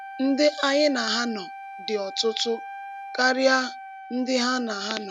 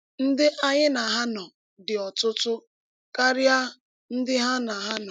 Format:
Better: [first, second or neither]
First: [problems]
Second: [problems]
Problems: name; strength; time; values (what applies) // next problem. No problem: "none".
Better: second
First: background sound (Wind instrument, woodwind instrument); 13 dB below the speech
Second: none